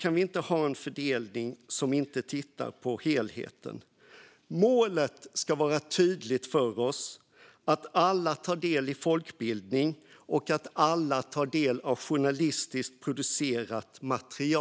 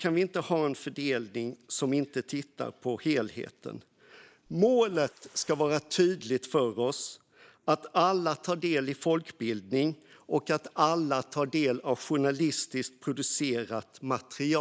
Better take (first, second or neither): first